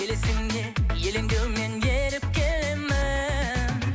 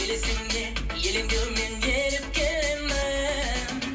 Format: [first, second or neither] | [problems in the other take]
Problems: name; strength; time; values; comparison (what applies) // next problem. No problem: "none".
first | room echo; dies away in 0.3 s